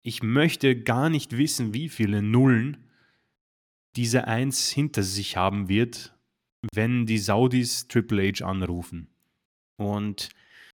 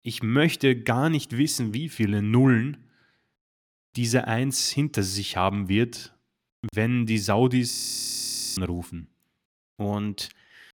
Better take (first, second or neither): first